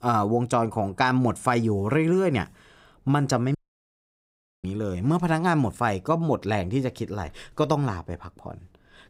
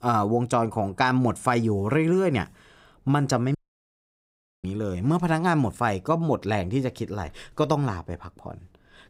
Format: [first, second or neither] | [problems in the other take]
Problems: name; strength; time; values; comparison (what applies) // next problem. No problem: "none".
neither | audio cutting out; at 3.5 s for 1 s; the same in both